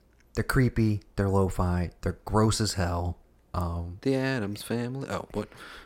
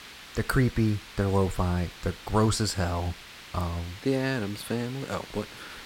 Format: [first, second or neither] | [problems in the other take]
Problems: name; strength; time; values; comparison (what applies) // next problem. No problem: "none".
first | hiss; noticeable; throughout; 15 dB below the speech